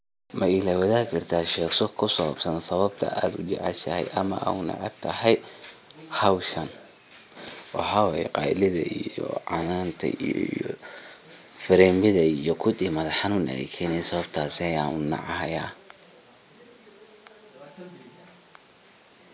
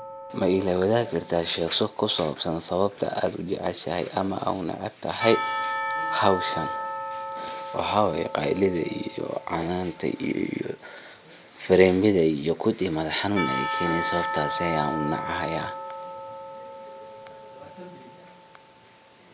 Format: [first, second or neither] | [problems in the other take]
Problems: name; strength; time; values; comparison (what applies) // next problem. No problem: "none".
first | background sound (Church bell / Percussion); 8 dB below the speech